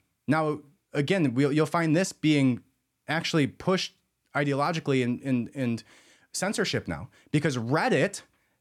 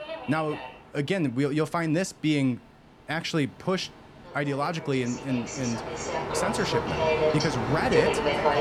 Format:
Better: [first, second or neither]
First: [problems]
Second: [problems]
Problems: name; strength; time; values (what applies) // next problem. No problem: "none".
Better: first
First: none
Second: train or aircraft noise; very loud; throughout; as loud as the speech